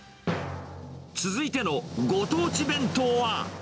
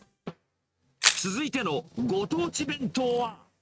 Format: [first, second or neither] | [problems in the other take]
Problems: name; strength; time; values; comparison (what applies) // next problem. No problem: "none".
first | noise reduction (neural mask model RNNoise)